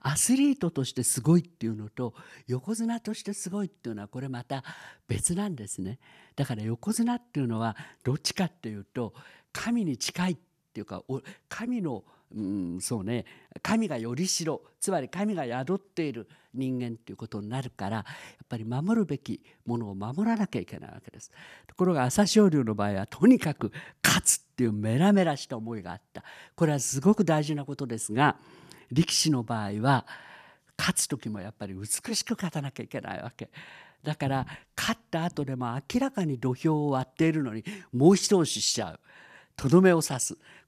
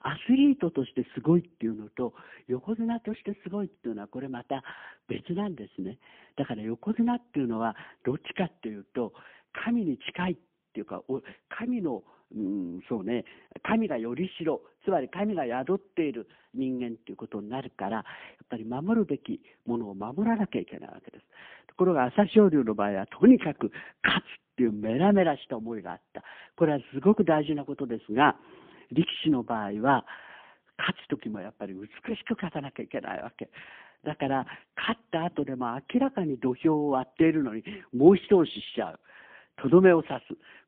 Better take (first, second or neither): first